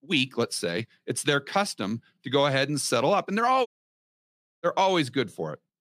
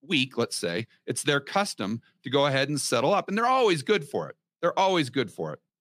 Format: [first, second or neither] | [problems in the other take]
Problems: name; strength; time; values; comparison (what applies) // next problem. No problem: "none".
second | audio cutting out; at 3.5 s for 1 s